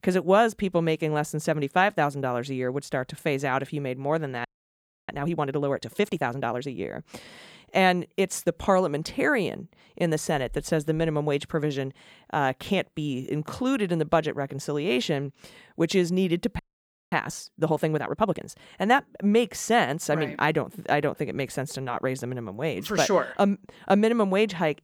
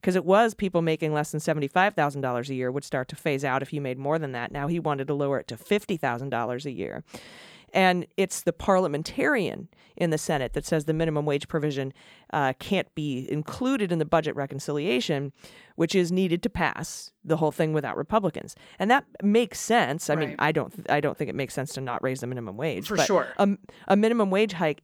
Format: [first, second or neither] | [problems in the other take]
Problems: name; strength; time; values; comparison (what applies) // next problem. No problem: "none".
second | audio freezing; at 4.5 s for 0.5 s and at 17 s for 0.5 s